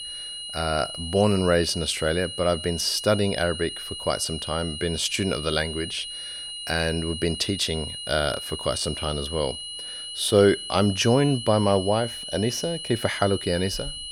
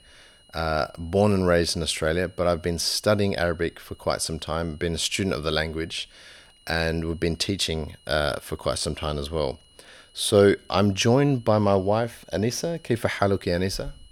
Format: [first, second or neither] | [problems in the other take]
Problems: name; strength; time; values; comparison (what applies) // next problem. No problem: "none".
second | high-pitched whine; loud; throughout; 3 kHz, 8 dB below the speech; faint in the second